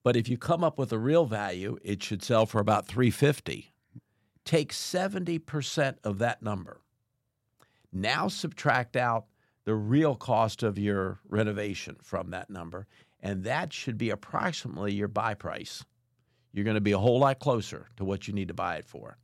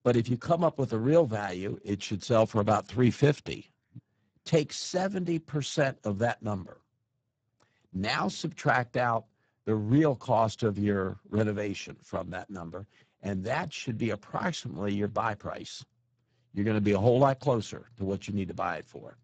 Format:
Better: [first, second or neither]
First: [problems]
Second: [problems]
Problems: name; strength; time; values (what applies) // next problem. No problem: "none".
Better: first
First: none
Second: garbled, watery; badly; nothing above 7.5 kHz